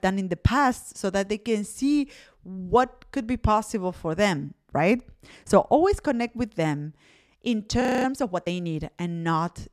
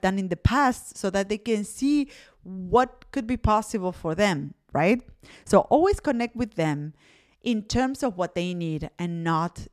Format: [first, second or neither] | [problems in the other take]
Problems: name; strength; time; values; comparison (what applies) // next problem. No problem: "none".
second | audio freezing; at 8 s